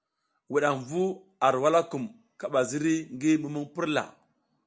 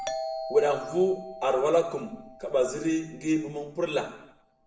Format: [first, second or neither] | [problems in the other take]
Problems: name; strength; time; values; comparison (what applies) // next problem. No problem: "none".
first | background sound (Doorbell); 12 dB below the speech // room echo; dies away in 0.7 s